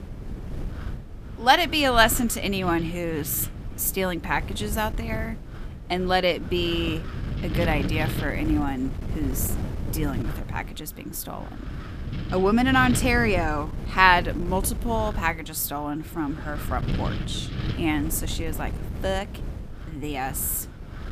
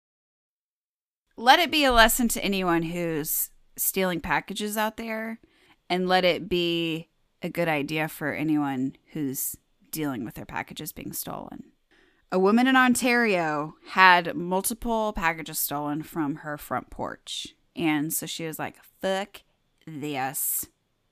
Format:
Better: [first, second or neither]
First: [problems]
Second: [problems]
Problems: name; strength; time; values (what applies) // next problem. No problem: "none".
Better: second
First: wind noise on the microphone; occasional gusts; 15 dB below the speech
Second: none